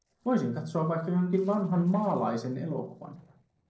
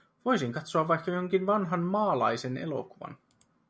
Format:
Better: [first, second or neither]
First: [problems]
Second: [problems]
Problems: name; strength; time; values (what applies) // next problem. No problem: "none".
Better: second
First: noise reduction (neural separator model SepFormer DNS4)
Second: none